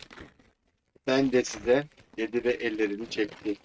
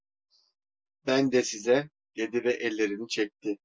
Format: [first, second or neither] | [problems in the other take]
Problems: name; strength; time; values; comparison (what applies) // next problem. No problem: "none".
second | noise reduction (neural mask model RNNoise)